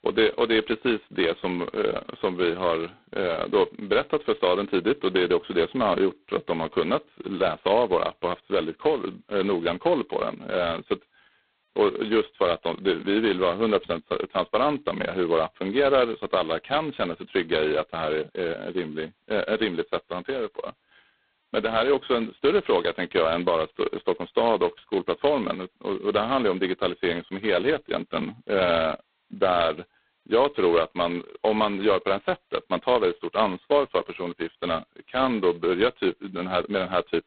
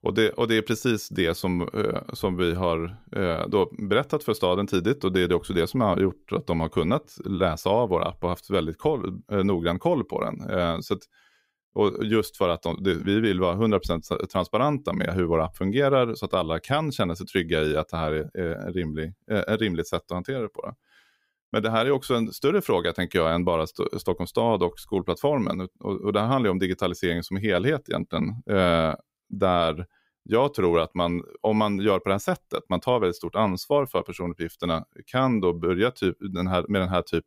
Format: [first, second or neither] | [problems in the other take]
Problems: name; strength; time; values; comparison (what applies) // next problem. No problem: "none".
second | phone-call audio; poor line; nothing above 4 kHz